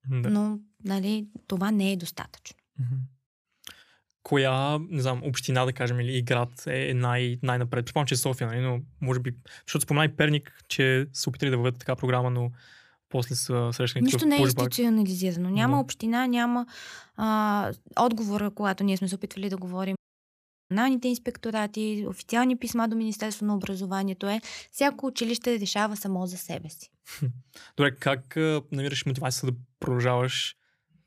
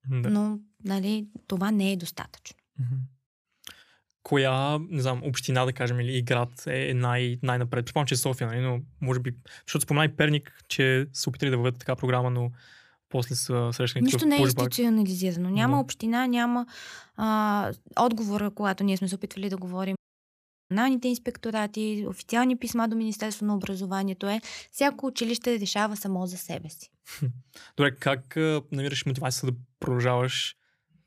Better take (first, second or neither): neither